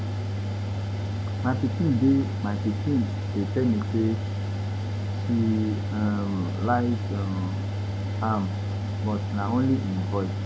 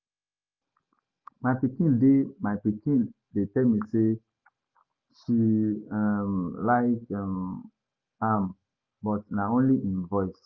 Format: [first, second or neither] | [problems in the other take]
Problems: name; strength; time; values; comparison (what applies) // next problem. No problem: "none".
second | background sound (Mechanical fan); as loud as the speech